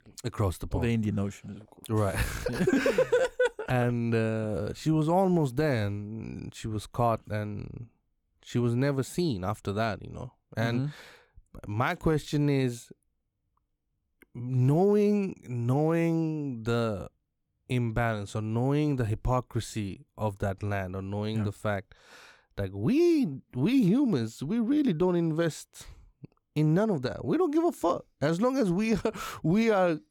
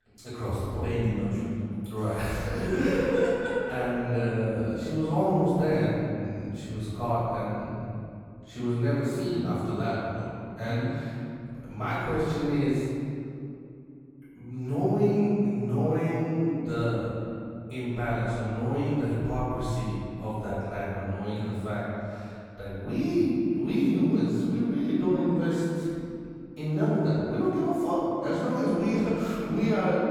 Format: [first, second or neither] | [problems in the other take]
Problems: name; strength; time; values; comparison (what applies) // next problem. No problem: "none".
first | off-mic speech; far // room echo; strong; dies away in 2.4 s